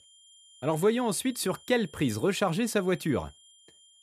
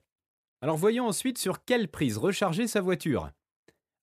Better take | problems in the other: second | high-pitched whine; faint; throughout; 3 kHz, 25 dB below the speech

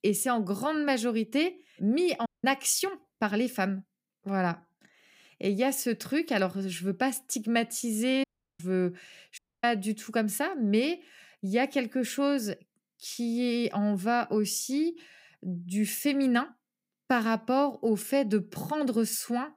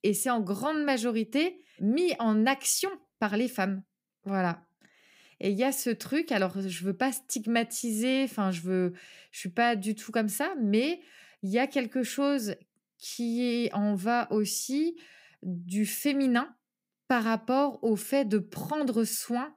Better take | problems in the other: second | audio cutting out; at 2.5 s, at 8 s and at 9.5 s

